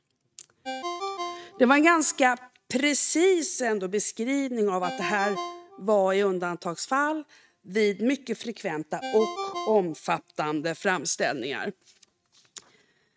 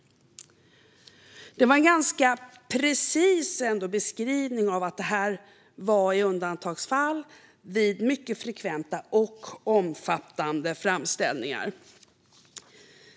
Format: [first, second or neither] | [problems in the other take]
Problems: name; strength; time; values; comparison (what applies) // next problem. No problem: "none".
second | noise reduction (neural mask model RNNoise)